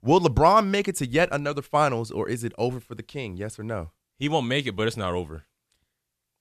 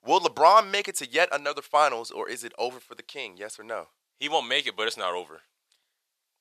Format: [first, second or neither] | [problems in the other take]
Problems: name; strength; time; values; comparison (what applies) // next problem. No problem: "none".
first | thin; very; fading below 650 Hz